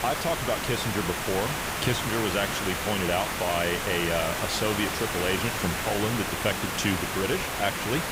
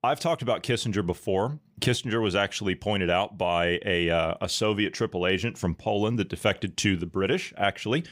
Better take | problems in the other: second | hiss; loud; throughout; as loud as the speech

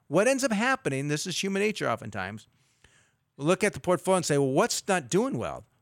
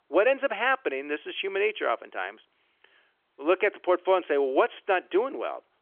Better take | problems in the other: first | phone-call audio; nothing above 3.5 kHz

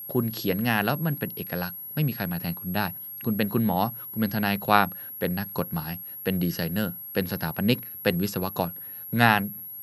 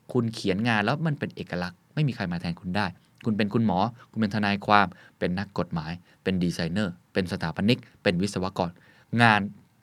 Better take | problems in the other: second | high-pitched whine; loud; throughout; 11.5 kHz, 8 dB below the speech

